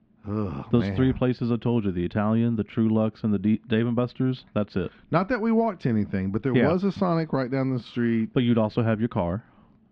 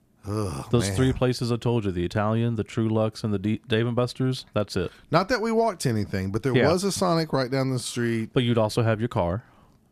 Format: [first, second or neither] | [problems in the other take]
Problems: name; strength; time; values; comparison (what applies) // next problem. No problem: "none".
second | muffled; slightly; fading above 3.5 kHz